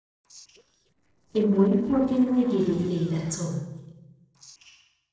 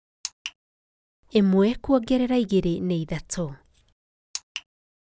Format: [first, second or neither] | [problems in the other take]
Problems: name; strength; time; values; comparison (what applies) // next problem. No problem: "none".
second | noise reduction (neural separator model SepFormer DNS4)